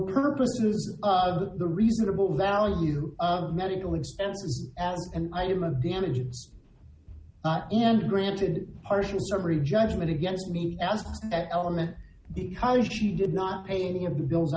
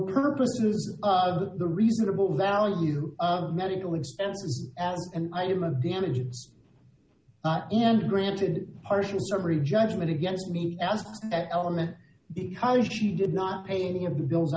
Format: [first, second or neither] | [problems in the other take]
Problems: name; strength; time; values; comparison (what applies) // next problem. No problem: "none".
second | background sound (Run); 18 dB below the speech